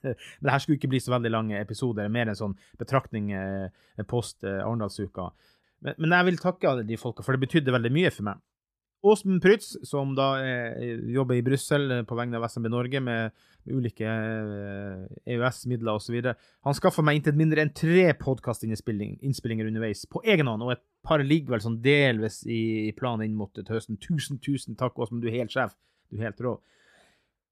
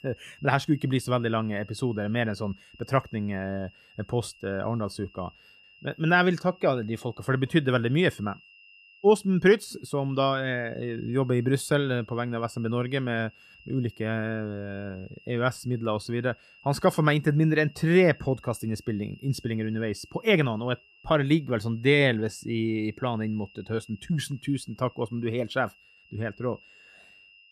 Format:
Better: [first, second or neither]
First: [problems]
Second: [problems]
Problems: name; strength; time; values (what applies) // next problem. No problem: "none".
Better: first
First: none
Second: high-pitched whine; faint; throughout; 3 kHz, 25 dB below the speech